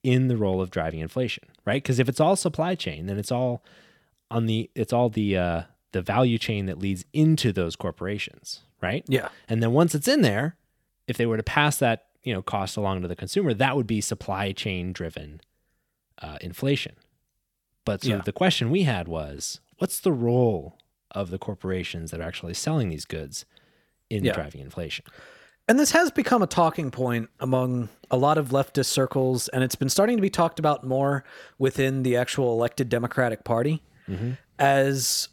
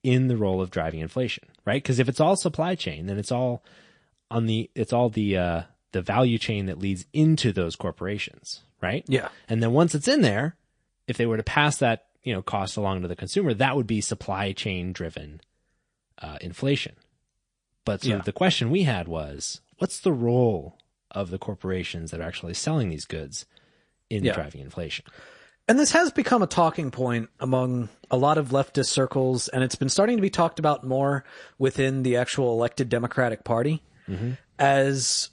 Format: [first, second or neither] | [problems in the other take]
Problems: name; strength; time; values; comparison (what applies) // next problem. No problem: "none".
first | garbled, watery; slightly